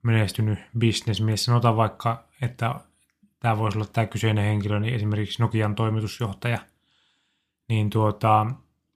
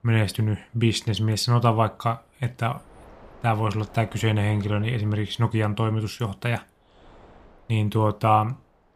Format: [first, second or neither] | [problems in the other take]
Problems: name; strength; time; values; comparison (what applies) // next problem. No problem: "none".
first | wind noise on the microphone; occasional gusts; 25 dB below the speech